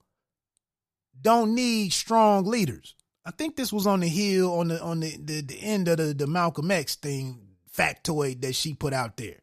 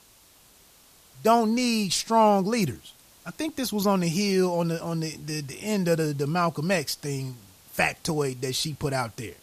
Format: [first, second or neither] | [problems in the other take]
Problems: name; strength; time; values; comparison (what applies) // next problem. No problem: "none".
first | hiss; faint; throughout; 25 dB below the speech